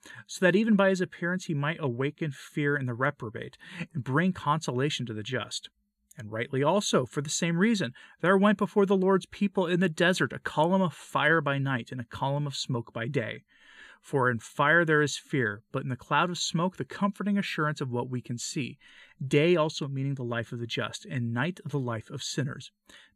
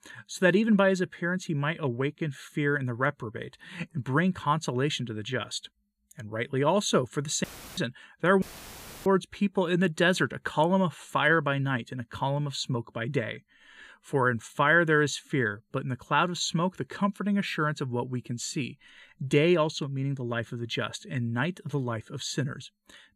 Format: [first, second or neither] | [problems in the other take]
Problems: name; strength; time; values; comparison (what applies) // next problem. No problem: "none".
first | audio cutting out; filled with static; at 7.5 s and at 8.5 s for 0.5 s